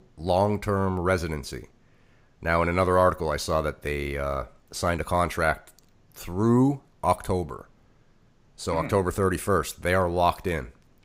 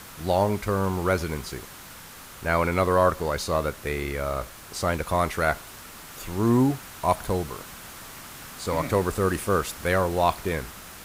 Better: first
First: none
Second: hiss; noticeable; throughout; 15 dB below the speech

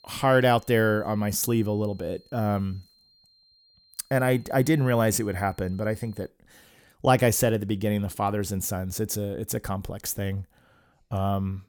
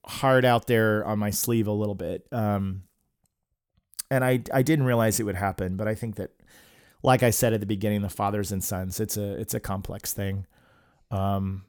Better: second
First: high-pitched whine; faint; until 6.5 s; 4 kHz, 30 dB below the speech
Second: none

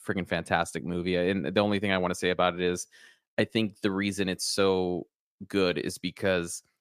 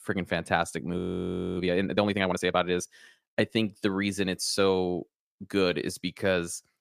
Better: first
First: none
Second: audio freezing; at 1 s for 0.5 s

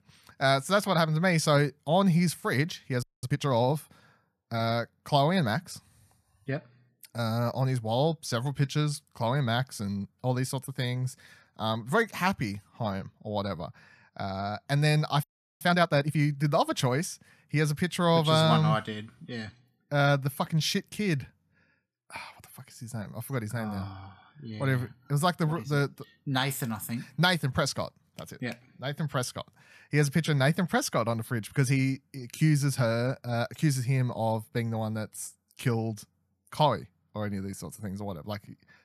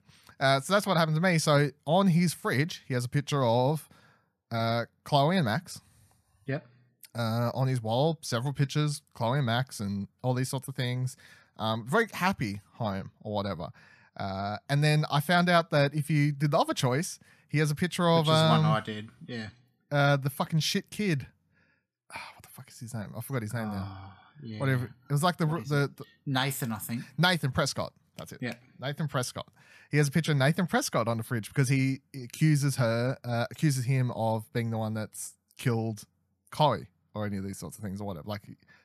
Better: second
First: audio freezing; at 3 s and at 15 s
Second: none

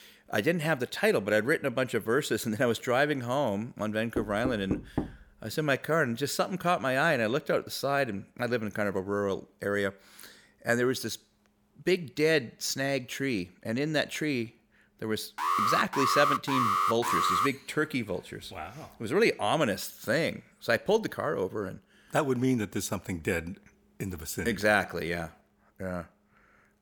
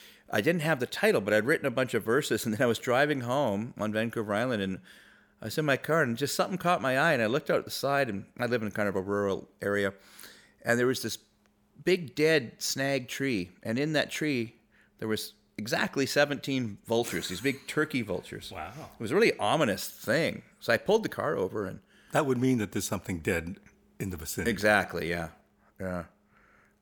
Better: second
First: door banging; noticeable; at 4 s; peak 4 dB below the speech // alarm; loud; from 15 to 17 s; peak 3 dB above the speech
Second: none

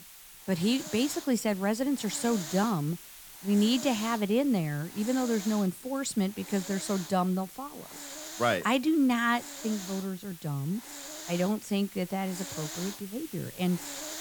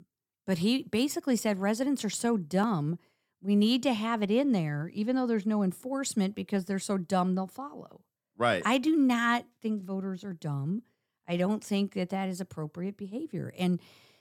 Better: second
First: hiss; noticeable; throughout; 10 dB below the speech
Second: none

